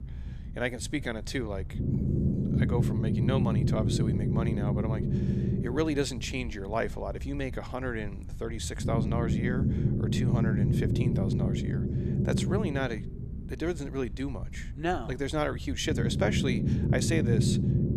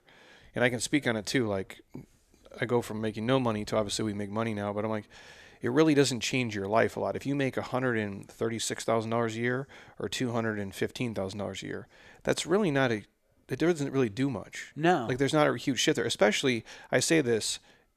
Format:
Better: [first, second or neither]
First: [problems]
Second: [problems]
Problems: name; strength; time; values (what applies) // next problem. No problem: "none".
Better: second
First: low rumble; loud; throughout; 2 dB below the speech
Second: none